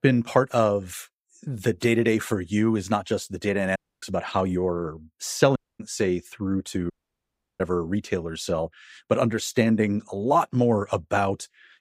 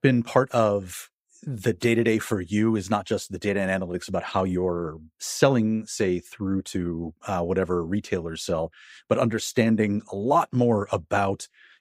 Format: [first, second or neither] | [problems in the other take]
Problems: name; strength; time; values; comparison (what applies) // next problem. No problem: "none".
second | audio cutting out; at 4 s, at 5.5 s and at 7 s for 0.5 s